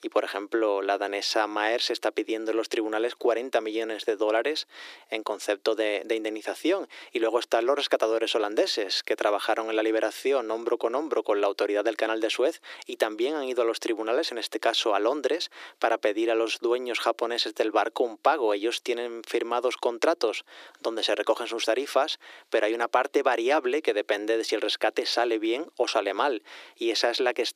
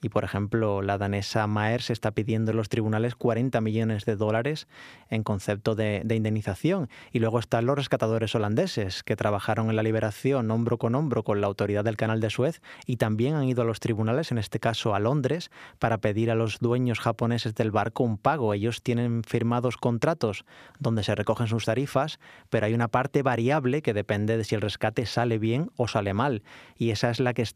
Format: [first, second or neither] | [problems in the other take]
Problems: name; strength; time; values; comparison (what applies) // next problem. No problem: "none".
second | thin; very; fading below 300 Hz